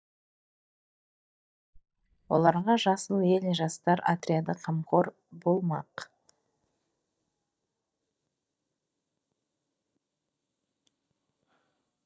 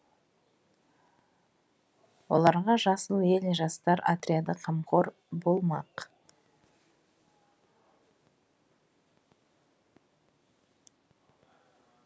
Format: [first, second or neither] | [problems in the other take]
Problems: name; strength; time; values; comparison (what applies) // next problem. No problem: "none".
second | noise reduction (neural mask model DeepFilterNet 3)